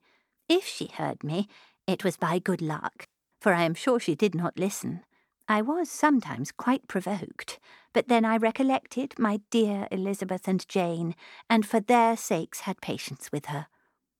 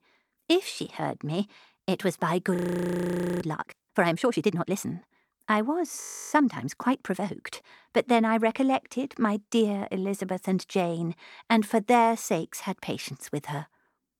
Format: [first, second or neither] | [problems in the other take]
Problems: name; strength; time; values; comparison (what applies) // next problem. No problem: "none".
first | audio freezing; at 2.5 s for 1 s and at 6 s